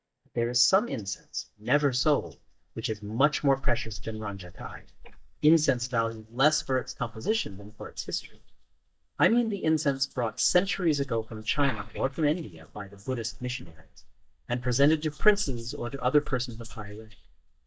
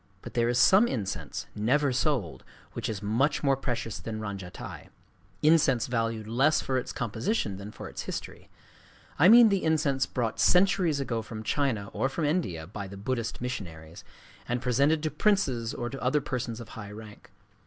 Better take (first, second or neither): second